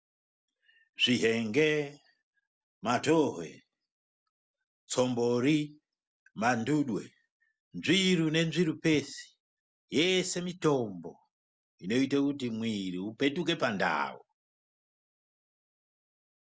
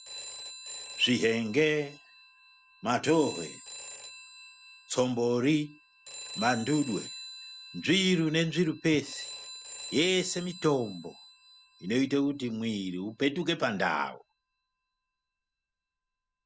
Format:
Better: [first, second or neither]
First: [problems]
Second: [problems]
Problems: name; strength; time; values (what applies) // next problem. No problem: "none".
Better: first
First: none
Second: background sound (Telephone); 15 dB below the speech